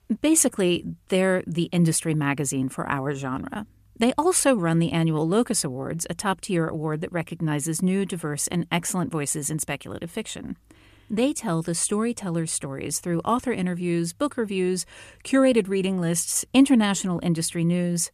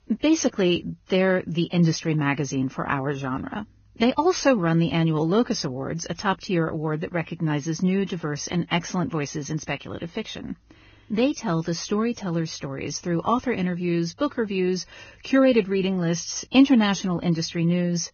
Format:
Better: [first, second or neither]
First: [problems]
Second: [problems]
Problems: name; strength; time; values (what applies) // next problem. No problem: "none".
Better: first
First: none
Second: garbled, watery; badly; nothing above 6.5 kHz